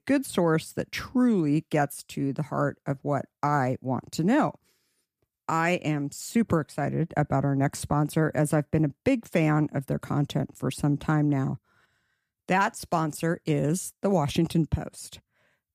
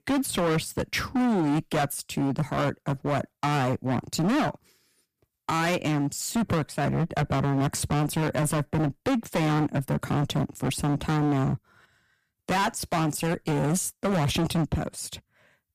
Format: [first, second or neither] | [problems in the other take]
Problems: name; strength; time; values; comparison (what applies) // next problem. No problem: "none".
first | distortion; heavy; 21% of the sound clipped